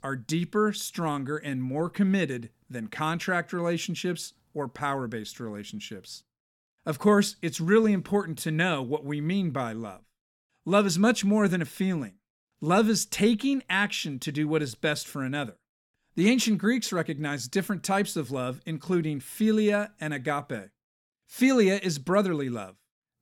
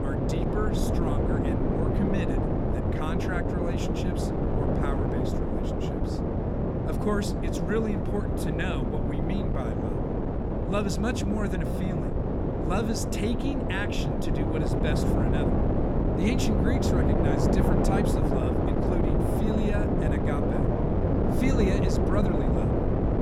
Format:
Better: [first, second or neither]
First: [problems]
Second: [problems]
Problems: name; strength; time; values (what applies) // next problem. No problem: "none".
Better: first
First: none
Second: wind noise on the microphone; heavy; 4 dB above the speech